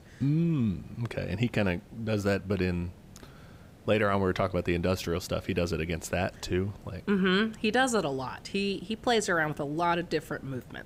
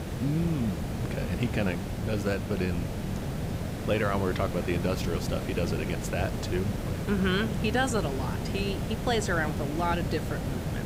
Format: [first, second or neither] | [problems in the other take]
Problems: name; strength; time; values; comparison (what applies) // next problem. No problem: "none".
first | hiss; loud; throughout; 2 dB below the speech; faint in the first